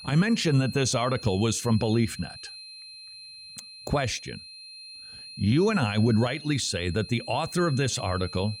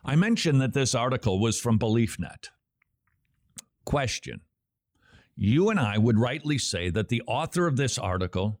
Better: second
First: high-pitched whine; noticeable; throughout; 4 kHz, 15 dB below the speech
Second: none

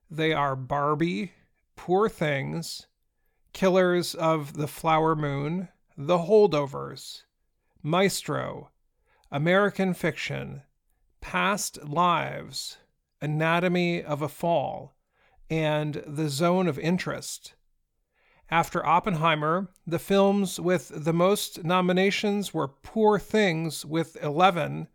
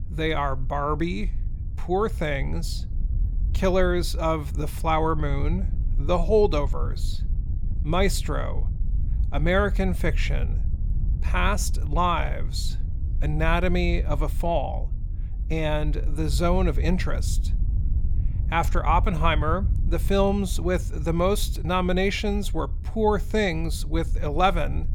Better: first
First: none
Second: wind noise on the microphone; occasional gusts; 20 dB below the speech

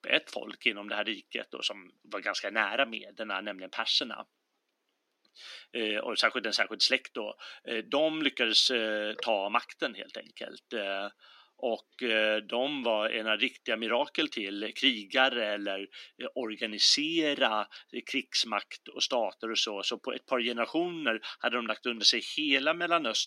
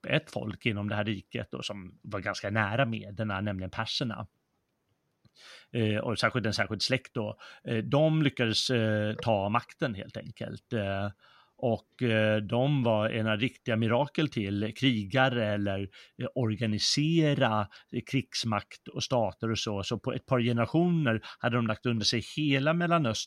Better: second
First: thin; somewhat; fading below 250 Hz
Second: none

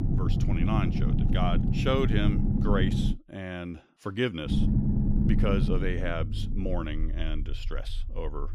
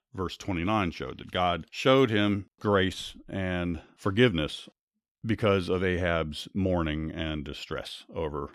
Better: second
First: low rumble; loud; until 3 s and from 4.5 s on; 3 dB below the speech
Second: none

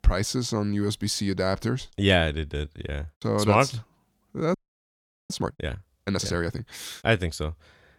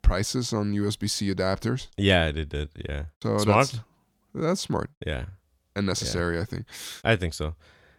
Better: second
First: audio freezing; at 4.5 s for 1 s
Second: none

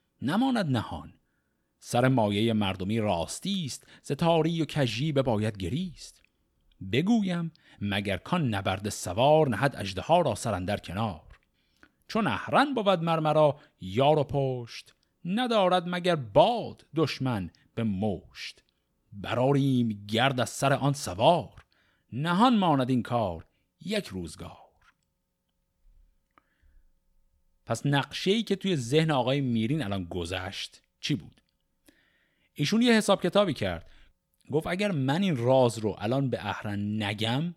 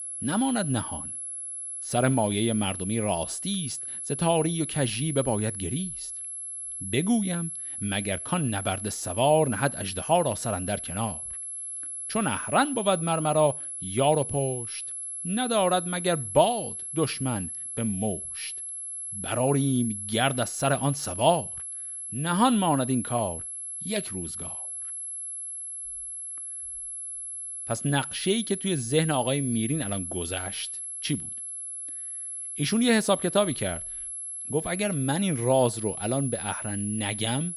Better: first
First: none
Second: high-pitched whine; loud; throughout; 11 kHz, 6 dB below the speech

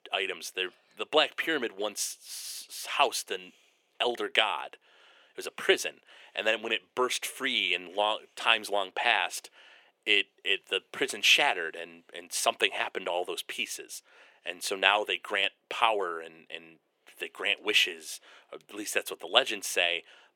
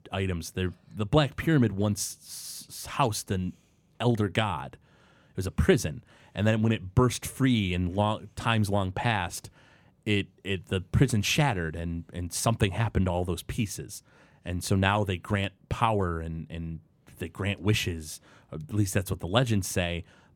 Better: second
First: thin; very; fading below 400 Hz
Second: none

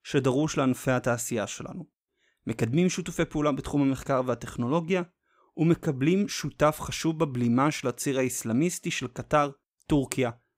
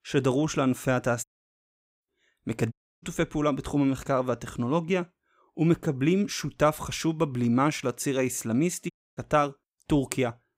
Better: first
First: none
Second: audio cutting out; at 1 s for 1 s, at 2.5 s and at 9 s

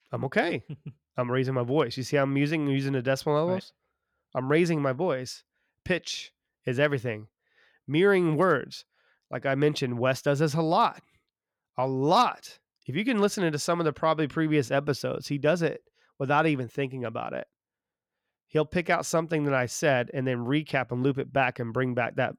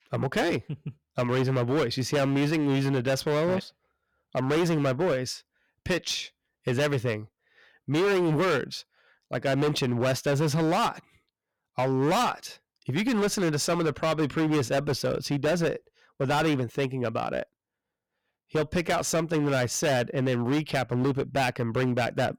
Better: first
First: none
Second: distortion; heavy; 18% of the sound clipped

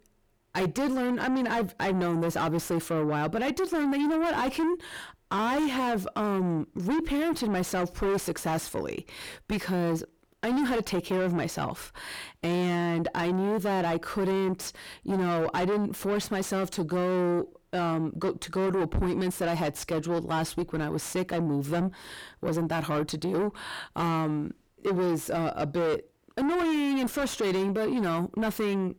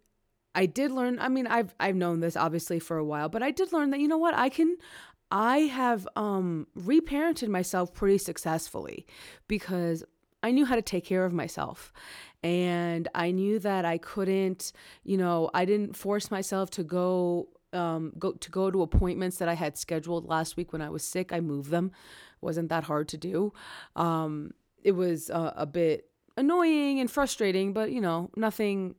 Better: second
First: distortion; heavy; 6 dB below the speech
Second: none

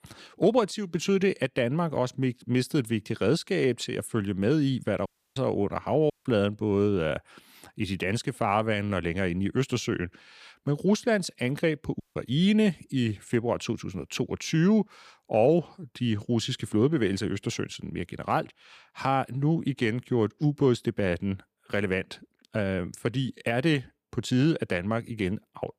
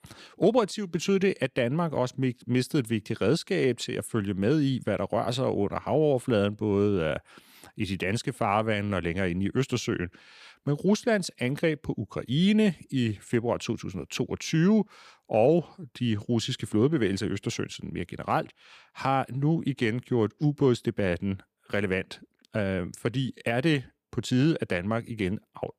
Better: second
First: audio cutting out; at 5 s, at 6 s and at 12 s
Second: none

